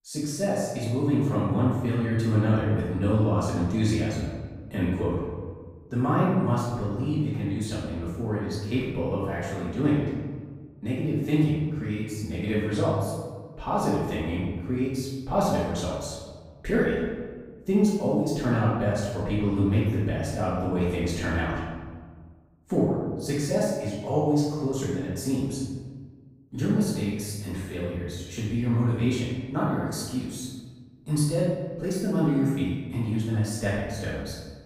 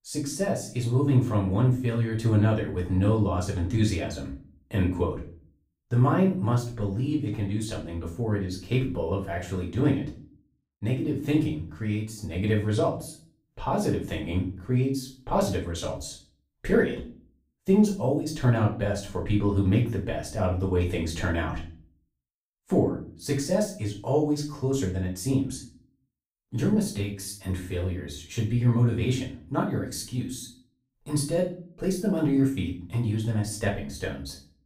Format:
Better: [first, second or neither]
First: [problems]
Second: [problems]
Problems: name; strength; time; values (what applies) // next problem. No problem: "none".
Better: second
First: room echo; strong; dies away in 1.3 s // off-mic speech; far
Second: room echo; slight; dies away in 0.4 s // off-mic speech; far